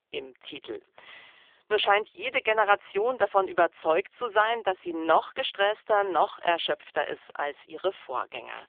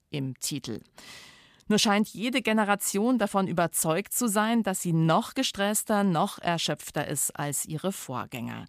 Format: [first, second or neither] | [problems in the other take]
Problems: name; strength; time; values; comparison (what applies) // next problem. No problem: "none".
second | phone-call audio; poor line; nothing above 3.5 kHz